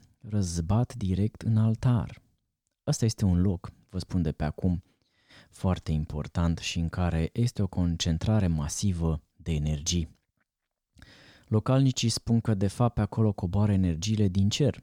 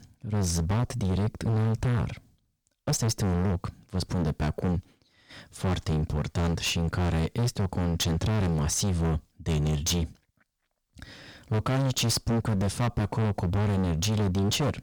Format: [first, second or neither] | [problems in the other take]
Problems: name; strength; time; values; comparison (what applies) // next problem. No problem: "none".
first | distortion; heavy; 25% of the sound clipped